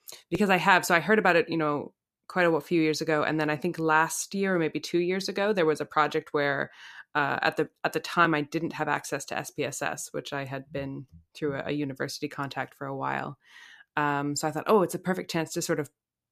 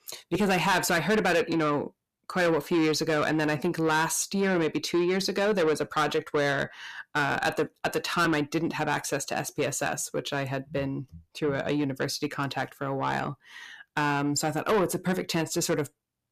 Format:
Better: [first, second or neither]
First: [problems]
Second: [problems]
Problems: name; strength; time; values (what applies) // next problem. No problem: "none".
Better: first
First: none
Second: distortion; heavy; 7 dB below the speech